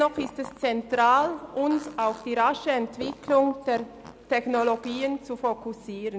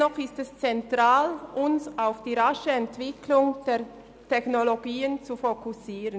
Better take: second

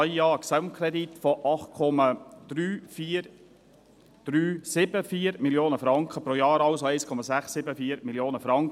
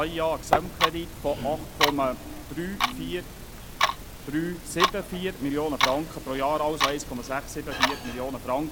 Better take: first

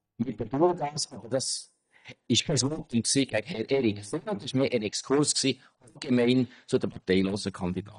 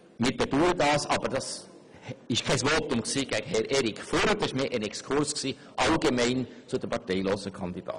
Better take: second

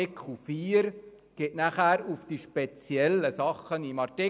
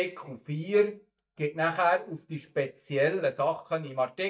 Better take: first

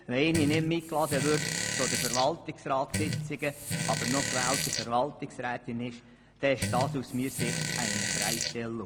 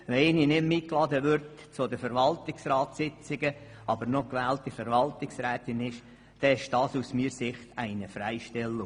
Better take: second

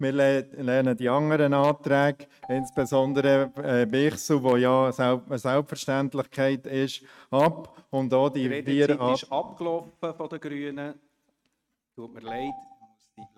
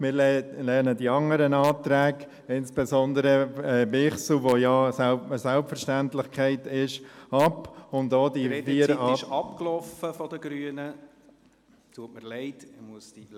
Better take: second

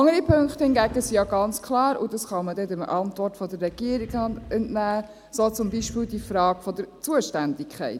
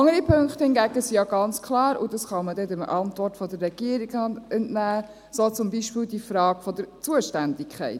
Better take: second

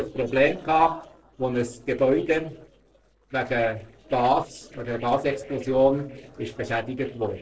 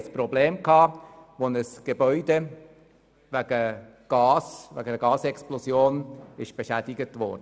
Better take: second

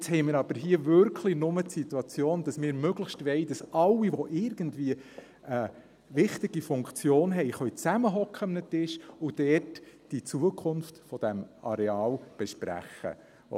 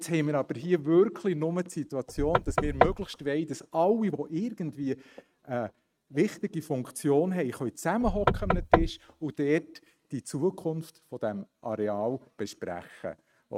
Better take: first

